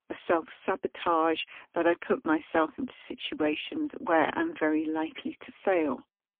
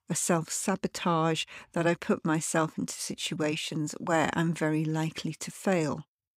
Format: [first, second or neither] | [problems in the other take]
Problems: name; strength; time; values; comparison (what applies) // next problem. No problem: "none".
second | phone-call audio; poor line; nothing above 3.5 kHz